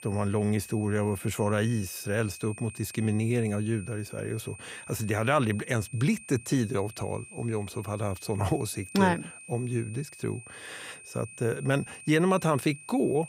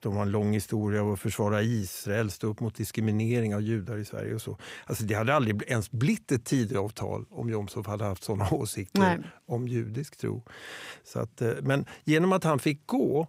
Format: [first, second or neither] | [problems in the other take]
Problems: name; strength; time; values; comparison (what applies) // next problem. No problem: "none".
second | high-pitched whine; noticeable; throughout; 2.5 kHz, 15 dB below the speech